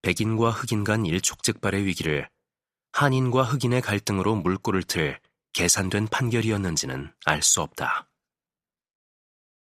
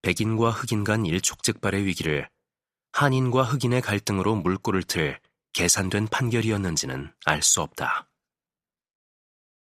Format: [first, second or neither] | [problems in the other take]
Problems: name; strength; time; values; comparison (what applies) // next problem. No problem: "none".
neither | none